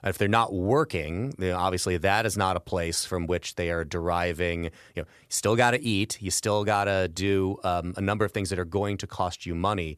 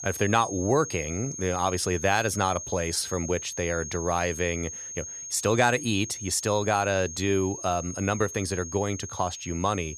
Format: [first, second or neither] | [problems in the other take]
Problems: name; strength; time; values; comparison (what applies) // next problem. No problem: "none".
first | high-pitched whine; loud; throughout; 6.5 kHz, 9 dB below the speech